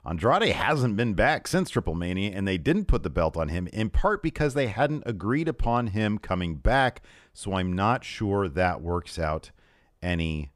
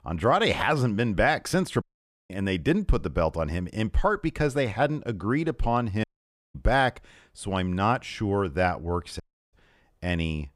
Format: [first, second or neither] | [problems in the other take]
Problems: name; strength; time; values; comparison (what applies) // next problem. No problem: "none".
first | audio cutting out; at 2 s, at 6 s for 0.5 s and at 9 s